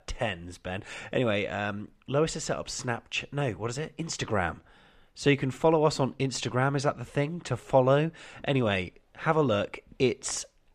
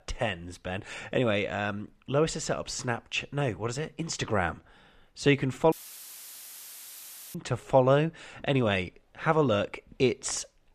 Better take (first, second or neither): first